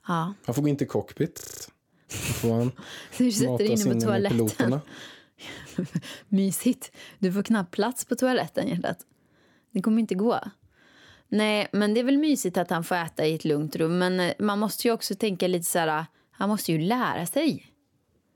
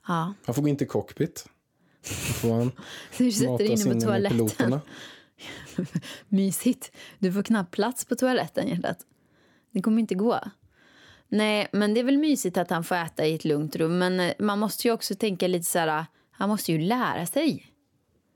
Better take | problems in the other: second | audio freezing; at 1.5 s

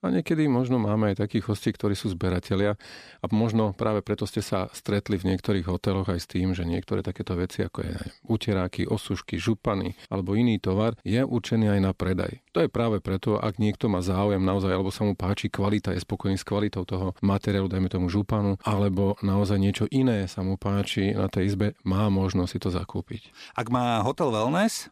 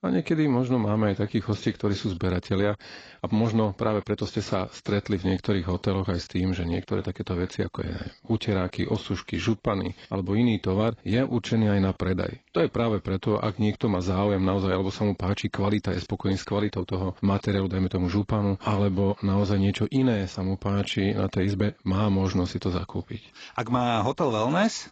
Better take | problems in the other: first | garbled, watery; badly; nothing above 7.5 kHz

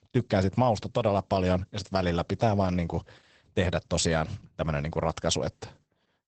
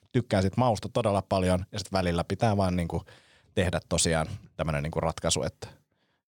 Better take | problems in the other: second | garbled, watery; badly; nothing above 8 kHz

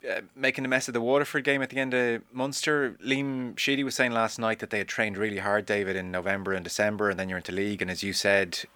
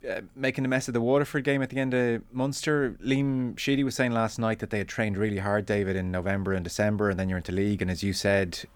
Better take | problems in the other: second | thin; very slightly; fading below 450 Hz

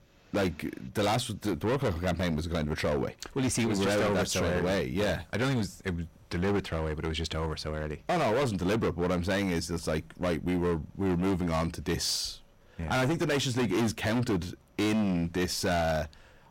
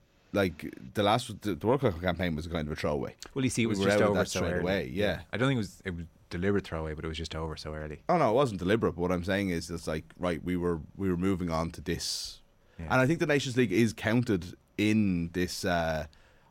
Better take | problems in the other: second | distortion; heavy; 19% of the sound clipped

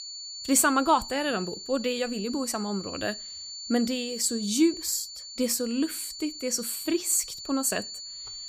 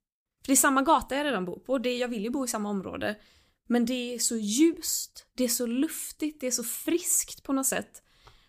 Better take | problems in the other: second | high-pitched whine; loud; throughout; 4.5 kHz, 10 dB below the speech

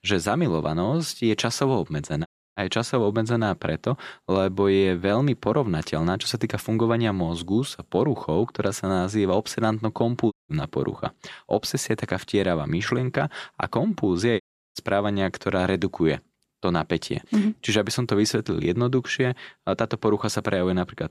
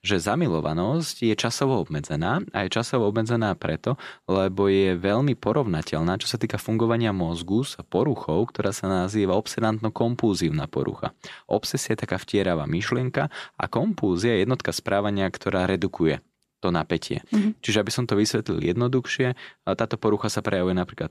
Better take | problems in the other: second | audio cutting out; at 2.5 s, at 10 s and at 14 s

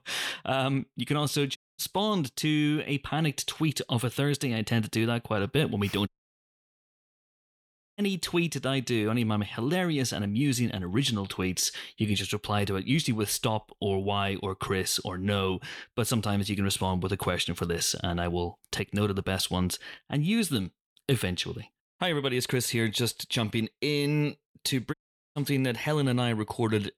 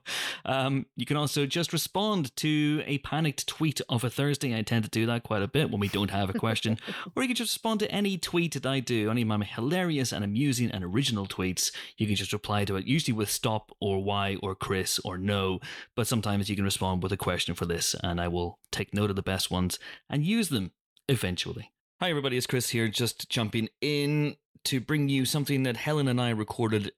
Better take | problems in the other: second | audio cutting out; at 1.5 s, at 6 s for 2 s and at 25 s

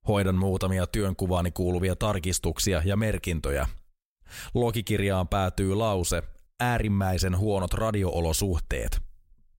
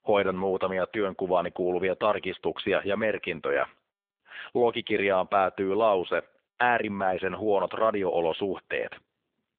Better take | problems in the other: first | phone-call audio

